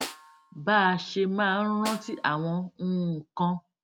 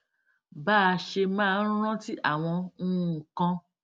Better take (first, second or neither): second